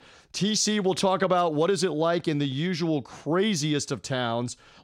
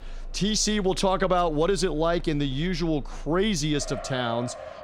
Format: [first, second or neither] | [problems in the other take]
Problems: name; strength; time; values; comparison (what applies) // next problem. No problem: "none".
first | traffic noise; noticeable; throughout; 15 dB below the speech